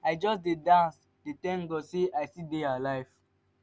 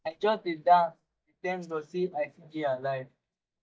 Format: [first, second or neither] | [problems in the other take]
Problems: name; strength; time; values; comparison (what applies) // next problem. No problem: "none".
first | noise reduction (neural mask model DeepFilterNet 3)